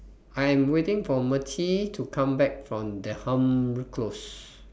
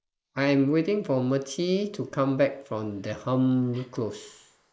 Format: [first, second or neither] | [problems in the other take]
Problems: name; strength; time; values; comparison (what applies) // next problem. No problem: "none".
first | noise reduction (neural mask model Resemble Enhance denoiser)